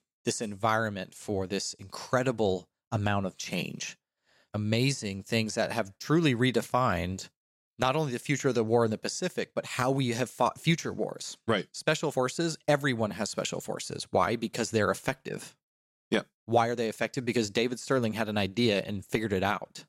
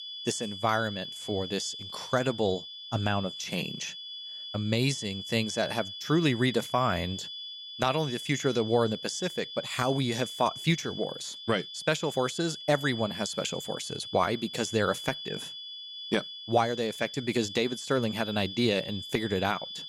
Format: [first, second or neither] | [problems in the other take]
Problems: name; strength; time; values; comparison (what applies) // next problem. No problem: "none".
first | high-pitched whine; loud; throughout; 3.5 kHz, 9 dB below the speech